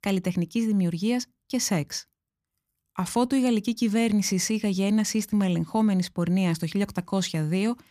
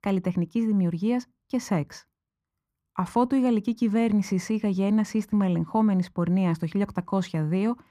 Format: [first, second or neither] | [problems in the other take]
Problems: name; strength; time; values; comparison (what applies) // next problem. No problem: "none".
first | muffled; slightly; fading above 2.5 kHz